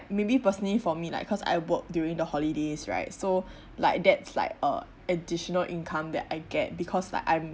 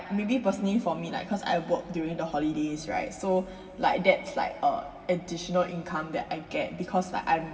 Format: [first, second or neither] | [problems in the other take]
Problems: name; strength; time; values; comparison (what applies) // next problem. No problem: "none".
first | room echo; dies away in 2.4 s